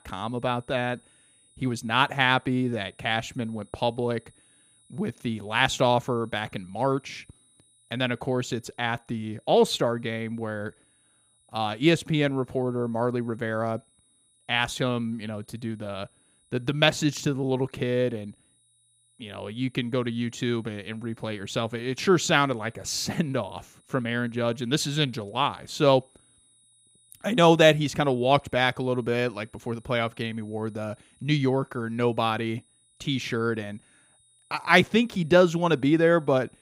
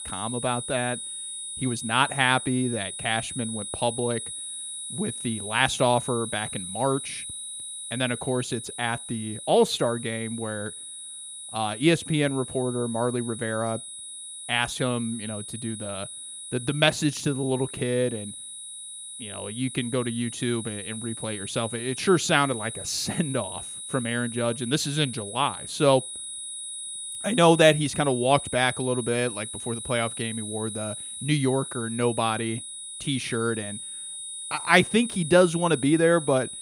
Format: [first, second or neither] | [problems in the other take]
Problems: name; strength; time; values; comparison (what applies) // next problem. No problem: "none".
first | high-pitched whine; loud; throughout; 10 kHz, 8 dB below the speech; faint in the first